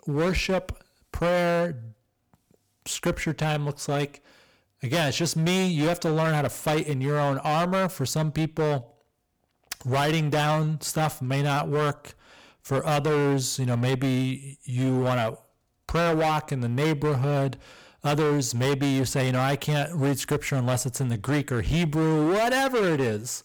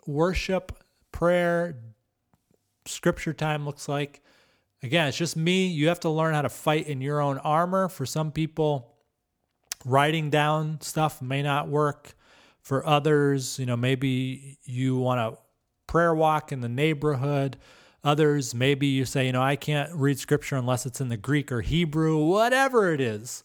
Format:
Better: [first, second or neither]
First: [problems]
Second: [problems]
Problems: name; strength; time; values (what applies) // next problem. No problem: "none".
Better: second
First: distortion; heavy; 18% of the sound clipped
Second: none